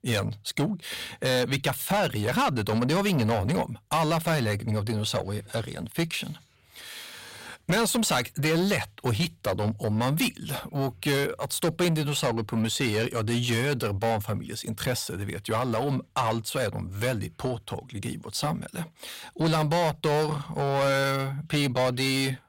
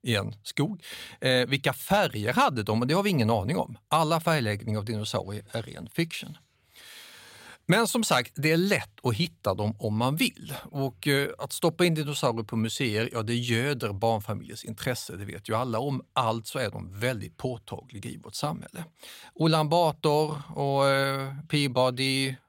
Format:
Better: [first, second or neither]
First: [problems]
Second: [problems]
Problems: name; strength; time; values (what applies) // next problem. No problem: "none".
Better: second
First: distortion; heavy; 8 dB below the speech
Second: none